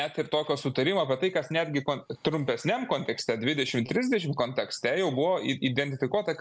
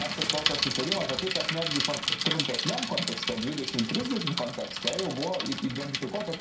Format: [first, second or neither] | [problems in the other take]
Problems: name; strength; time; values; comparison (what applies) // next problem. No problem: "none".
first | background sound (Bicycle); as loud as the speech // room echo; dies away in 0.4 s